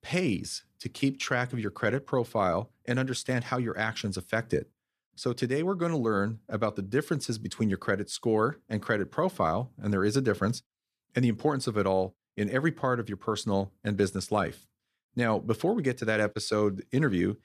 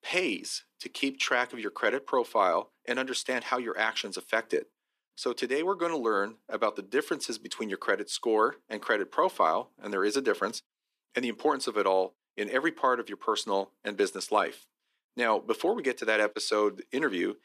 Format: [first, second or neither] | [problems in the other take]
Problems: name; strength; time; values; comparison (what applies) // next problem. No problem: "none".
first | thin; somewhat; fading below 300 Hz